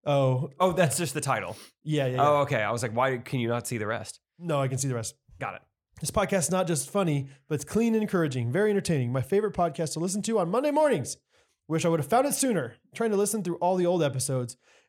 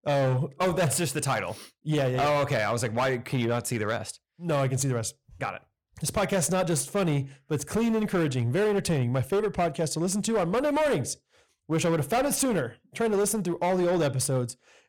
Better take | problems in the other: first | distortion; slight; 14% of the sound clipped

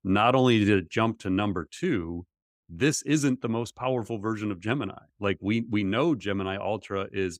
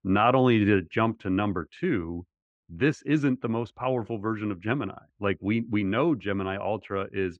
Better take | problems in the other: first | muffled; very; fading above 2 kHz

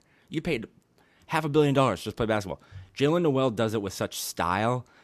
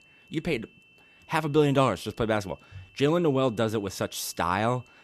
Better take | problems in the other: first | high-pitched whine; faint; throughout; 2.5 kHz, 30 dB below the speech

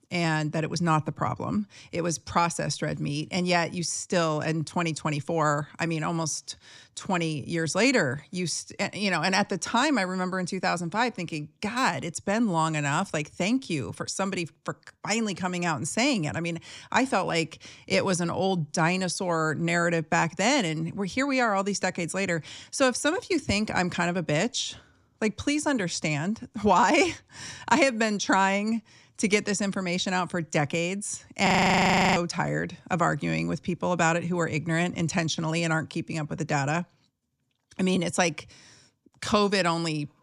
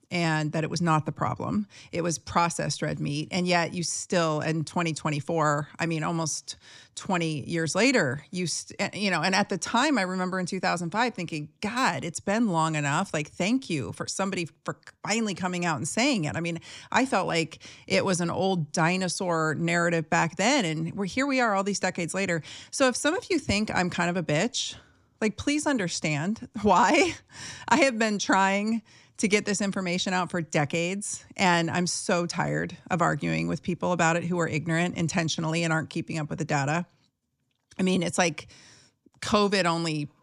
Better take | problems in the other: second | audio freezing; at 31 s for 0.5 s

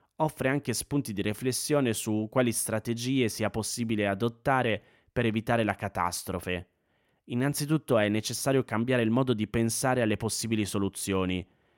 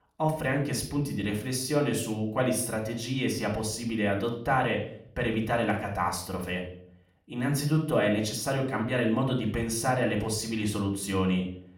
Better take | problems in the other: first | off-mic speech; far // room echo; slight; dies away in 0.5 s

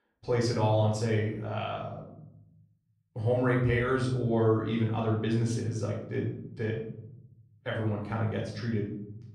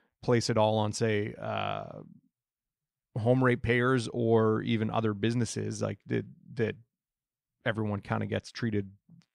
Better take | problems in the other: second | off-mic speech; far // room echo; noticeable; dies away in 1 s

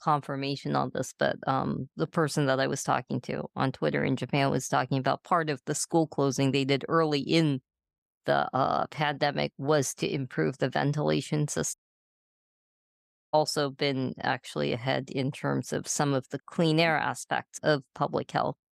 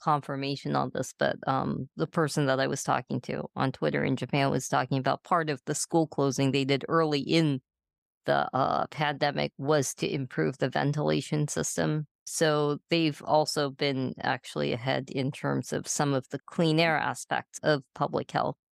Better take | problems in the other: second | audio cutting out; at 12 s for 1.5 s

